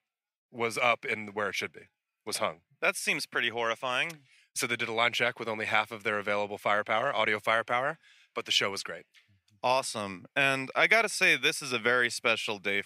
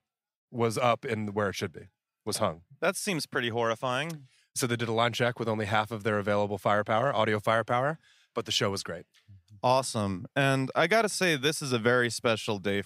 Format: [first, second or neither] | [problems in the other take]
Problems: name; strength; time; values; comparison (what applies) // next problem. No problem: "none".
second | thin; somewhat; fading below 850 Hz